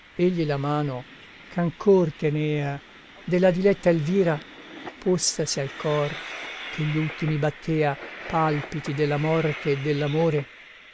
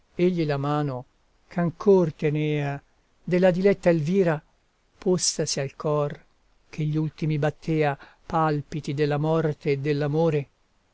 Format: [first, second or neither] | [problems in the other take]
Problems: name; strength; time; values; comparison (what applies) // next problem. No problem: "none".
second | background sound (Train); 15 dB below the speech